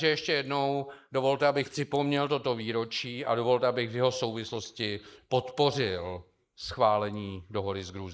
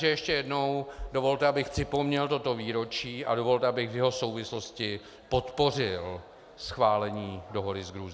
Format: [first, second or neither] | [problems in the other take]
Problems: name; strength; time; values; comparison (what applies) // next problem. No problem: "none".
second | noise reduction (neural mask model Resemble Enhance denoiser)